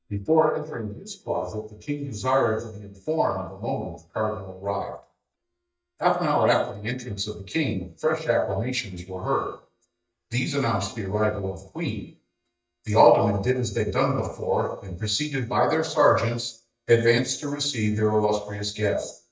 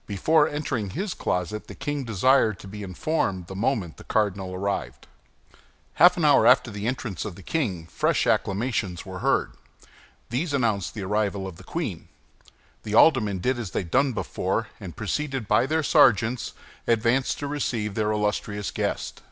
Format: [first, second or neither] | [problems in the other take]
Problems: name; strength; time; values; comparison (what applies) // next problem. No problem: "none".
second | noise reduction (neural mask model DeepFilterNet 3)